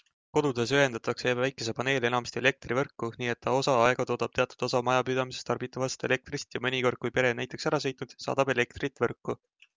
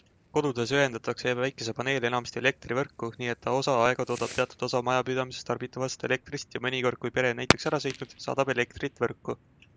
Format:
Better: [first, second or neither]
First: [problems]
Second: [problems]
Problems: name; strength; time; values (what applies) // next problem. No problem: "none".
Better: first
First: none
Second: background sound (Fireworks); 10 dB below the speech